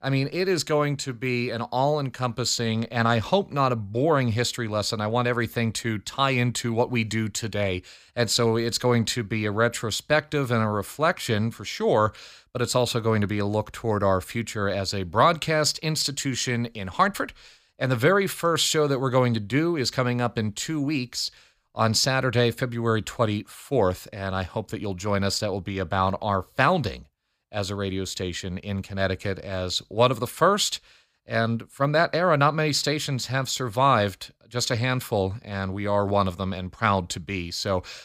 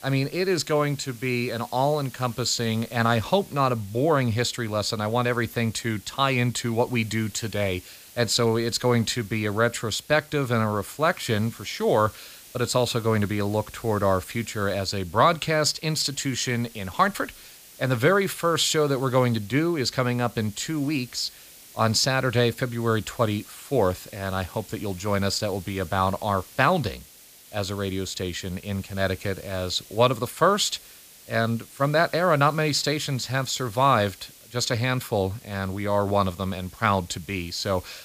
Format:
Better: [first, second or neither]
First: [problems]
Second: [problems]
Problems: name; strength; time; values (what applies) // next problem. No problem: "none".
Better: first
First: none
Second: hiss; faint; throughout; 20 dB below the speech